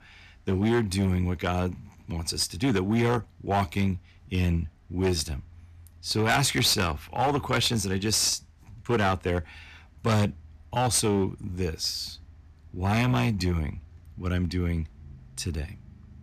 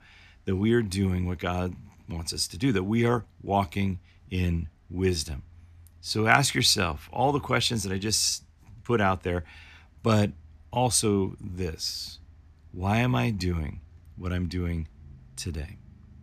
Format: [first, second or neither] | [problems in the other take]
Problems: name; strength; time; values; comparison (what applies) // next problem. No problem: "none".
second | distortion; slight; 6% of the sound clipped